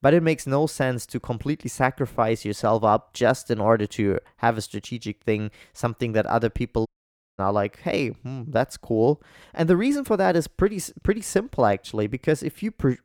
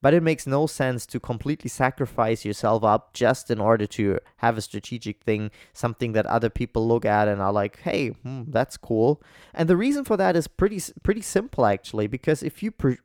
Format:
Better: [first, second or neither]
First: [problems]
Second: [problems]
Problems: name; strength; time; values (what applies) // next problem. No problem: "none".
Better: second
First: audio cutting out; at 7 s for 0.5 s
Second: none